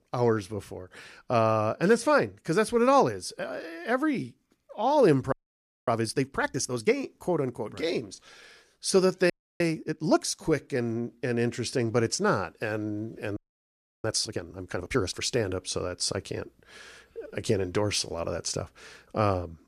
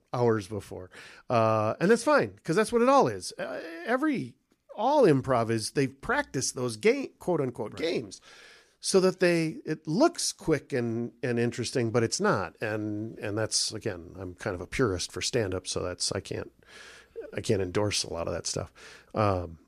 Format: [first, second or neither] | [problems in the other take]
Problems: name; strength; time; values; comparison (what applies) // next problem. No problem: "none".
second | audio freezing; at 5.5 s for 0.5 s, at 9.5 s and at 13 s for 0.5 s